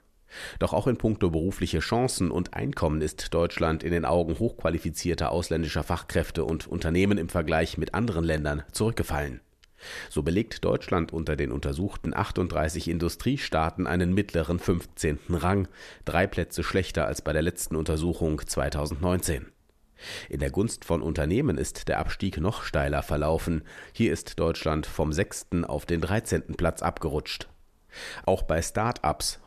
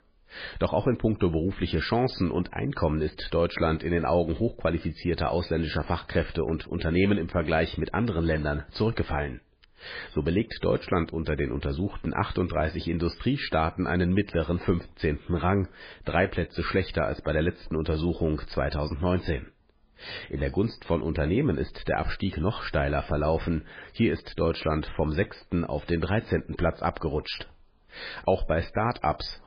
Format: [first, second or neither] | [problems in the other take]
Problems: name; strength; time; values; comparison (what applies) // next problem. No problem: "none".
first | garbled, watery; badly; nothing above 5 kHz